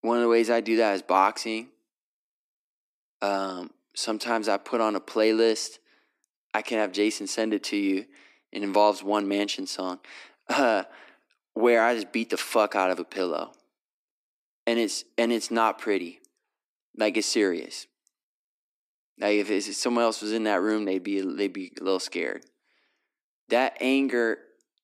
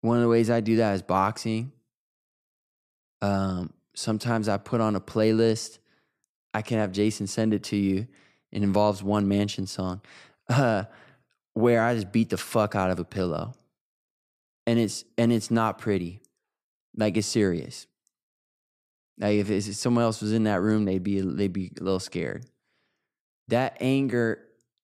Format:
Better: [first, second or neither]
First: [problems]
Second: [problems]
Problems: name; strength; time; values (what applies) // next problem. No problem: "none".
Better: second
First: thin; somewhat; fading below 250 Hz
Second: none